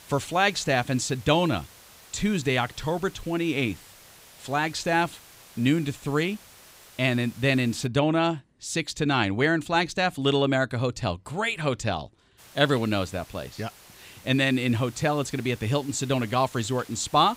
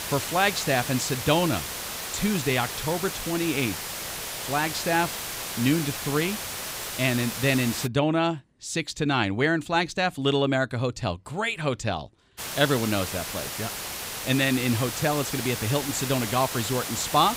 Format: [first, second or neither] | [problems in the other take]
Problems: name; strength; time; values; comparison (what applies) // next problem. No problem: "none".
first | hiss; loud; until 8 s and from 12 s on; 5 dB below the speech; faint in the first